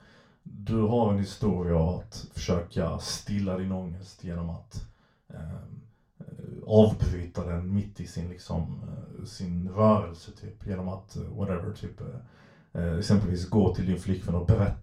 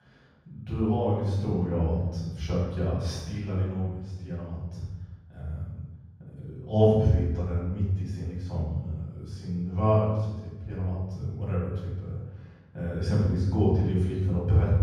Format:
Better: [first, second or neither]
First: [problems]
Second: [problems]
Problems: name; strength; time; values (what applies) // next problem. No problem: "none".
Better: first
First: room echo; slight; dies away in 0.3 s // off-mic speech; far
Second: room echo; strong; dies away in 1.3 s // off-mic speech; far